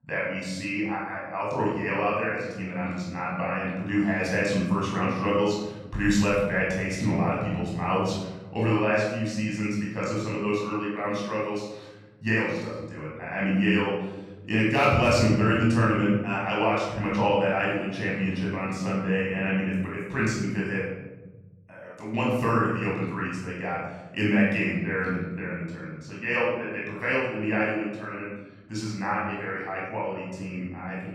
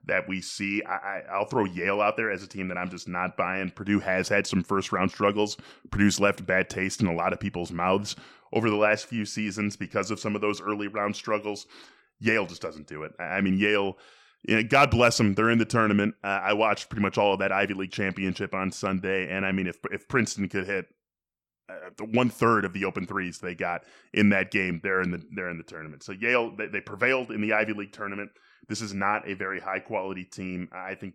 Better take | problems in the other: second | off-mic speech; far // room echo; noticeable; dies away in 1.8 s

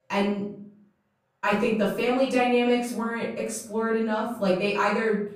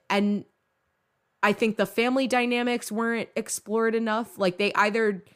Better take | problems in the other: second | room echo; noticeable; dies away in 0.5 s // off-mic speech; far

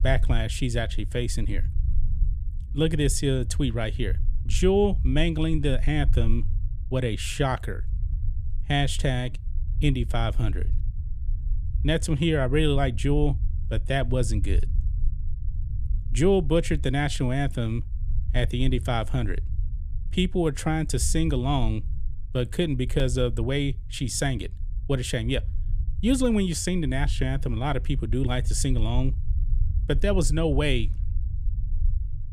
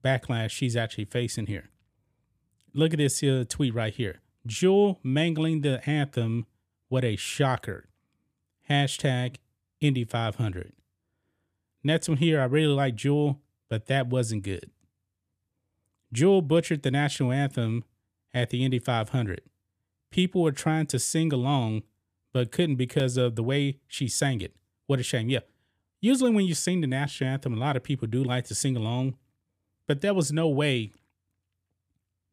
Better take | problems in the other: second | low rumble; faint; throughout; 20 dB below the speech

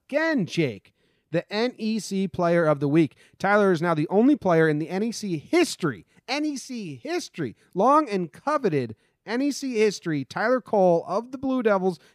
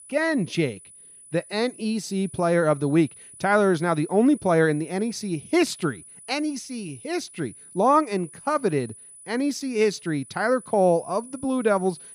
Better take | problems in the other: first | high-pitched whine; noticeable; throughout; 10 kHz, 20 dB below the speech

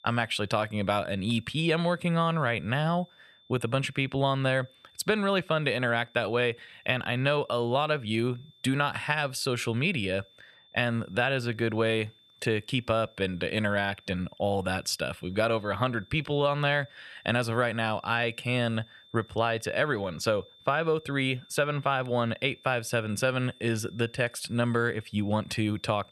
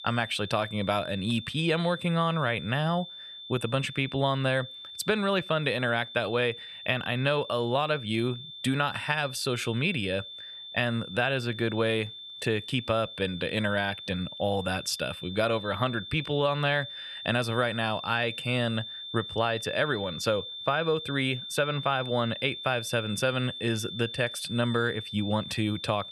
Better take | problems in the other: first | high-pitched whine; loud; throughout; 3.5 kHz, 10 dB below the speech; faint in the first

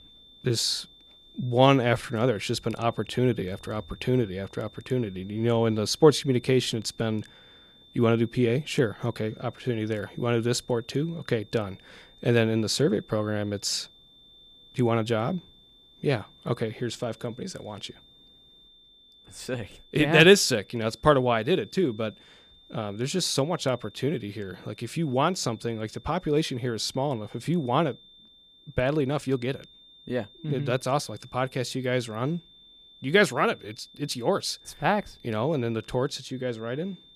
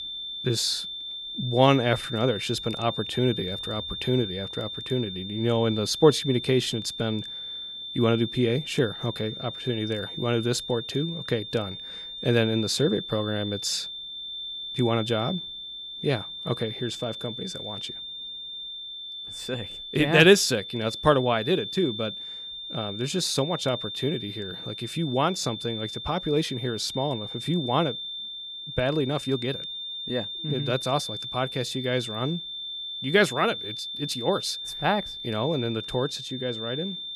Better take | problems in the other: first | high-pitched whine; loud; throughout; 3.5 kHz, 7 dB below the speech; faint in the first

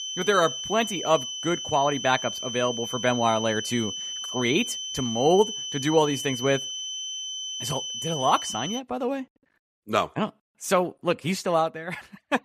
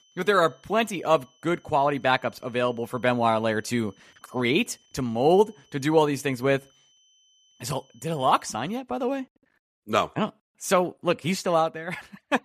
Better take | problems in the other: second | high-pitched whine; loud; until 9 s; 3 kHz, 5 dB below the speech; faint in the second

